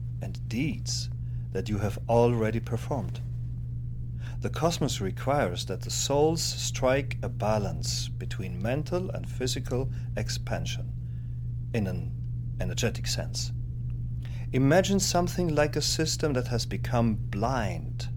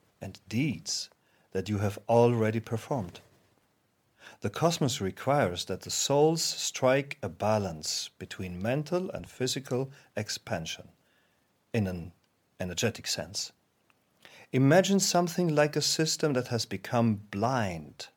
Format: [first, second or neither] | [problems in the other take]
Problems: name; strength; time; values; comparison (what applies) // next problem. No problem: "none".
second | low rumble; noticeable; throughout; 20 dB below the speech